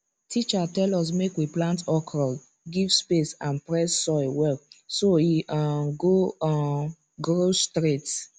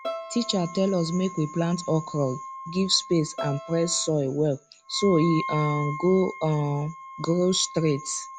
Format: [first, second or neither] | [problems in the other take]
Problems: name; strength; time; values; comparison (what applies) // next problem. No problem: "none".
first | background sound (Wind instrument, woodwind instrument + Bowed string instrument); 12 dB below the speech